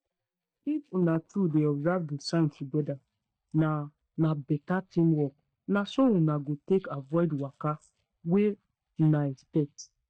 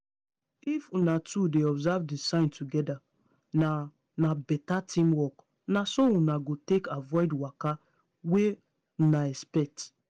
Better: second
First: noise reduction (neural mask model DeepFilterNet 3)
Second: none

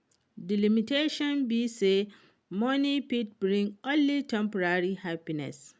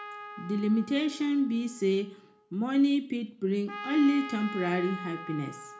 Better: first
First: none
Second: background sound (Trumpet); 14 dB below the speech // room echo; dies away in 0.4 s

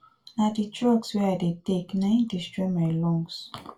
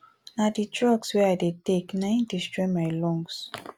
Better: second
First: room echo; dies away in 0.2 s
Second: none

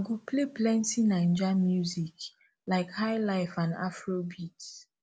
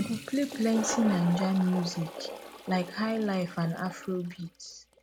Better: first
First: none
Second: background sound (Toilet flush); 10 dB below the speech

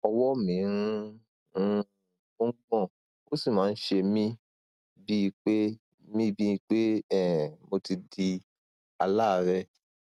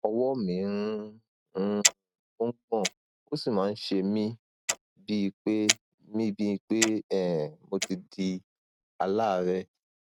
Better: first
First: none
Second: noise reduction (neural mask model RNNoise)

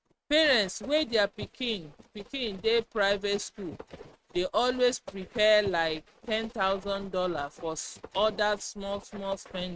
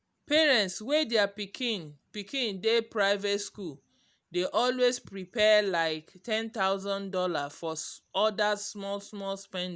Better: second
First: noise reduction (neural mask model RNNoise)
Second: none

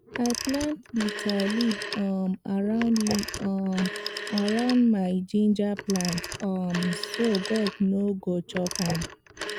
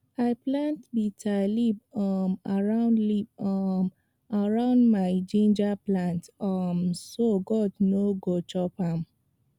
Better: second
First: background sound (Whoosh, swoosh, swish + Telephone); 9 dB below the speech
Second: none

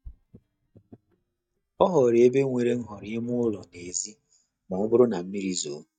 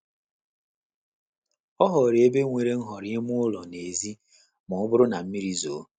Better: second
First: noise reduction (neural mask model DeepFilterNet 3)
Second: none

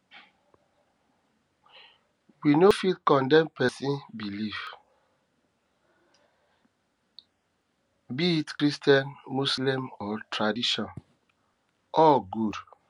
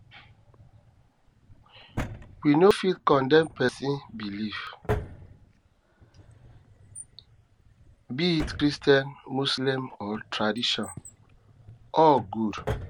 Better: first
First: none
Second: background sound (Drawer open or close); 13 dB below the speech

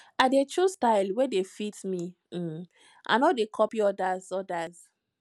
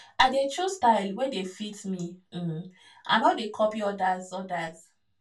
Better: first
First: none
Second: room echo; dies away in 0.2 s

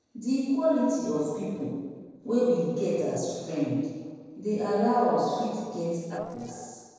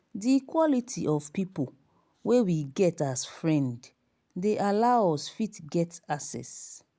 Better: second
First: noise reduction (neural separator model SepFormer DNS4)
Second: none

